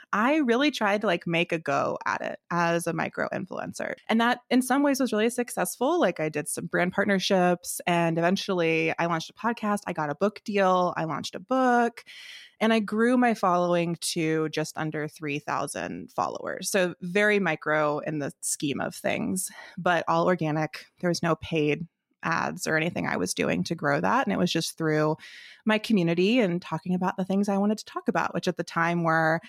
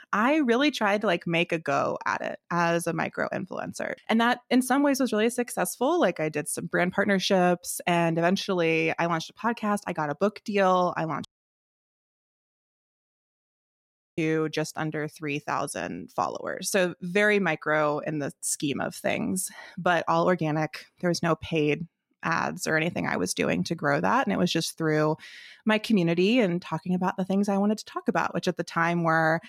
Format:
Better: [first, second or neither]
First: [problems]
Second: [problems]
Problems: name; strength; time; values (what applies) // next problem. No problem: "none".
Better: first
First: none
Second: audio cutting out; at 11 s for 3 s